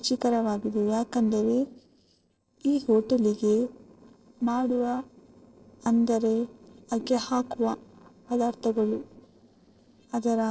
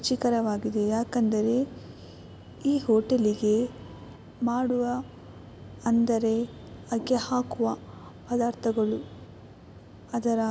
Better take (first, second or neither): second